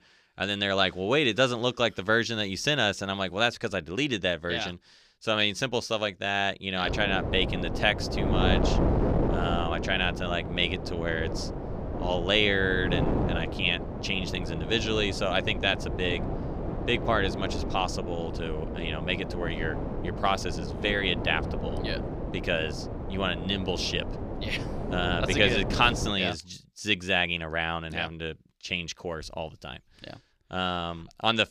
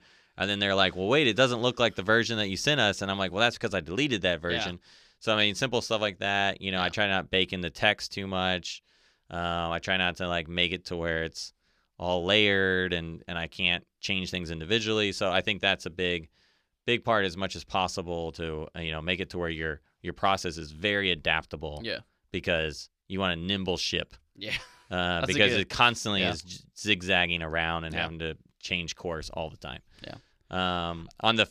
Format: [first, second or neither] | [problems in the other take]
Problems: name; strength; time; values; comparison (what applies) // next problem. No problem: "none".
second | wind noise on the microphone; heavy; from 7 to 26 s; 9 dB below the speech